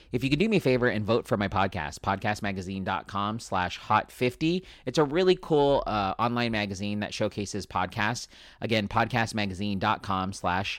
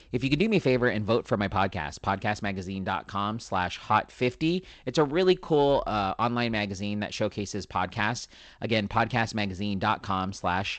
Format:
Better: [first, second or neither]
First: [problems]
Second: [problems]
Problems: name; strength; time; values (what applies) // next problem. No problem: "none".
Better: first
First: none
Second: garbled, watery; slightly; nothing above 7.5 kHz